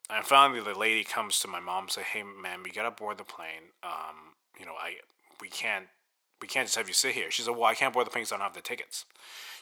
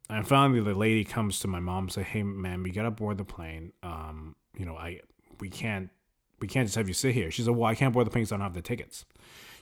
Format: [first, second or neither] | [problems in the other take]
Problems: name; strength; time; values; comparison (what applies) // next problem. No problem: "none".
second | thin; very; fading below 800 Hz